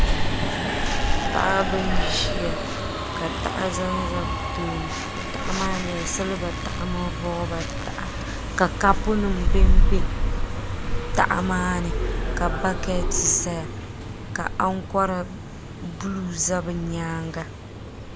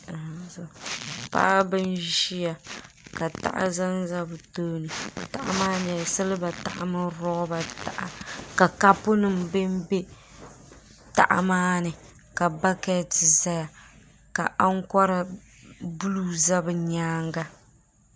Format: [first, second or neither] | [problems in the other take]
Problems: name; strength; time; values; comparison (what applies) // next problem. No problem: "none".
second | background sound (Car passing by + Subway, metro, underground); 3 dB above the speech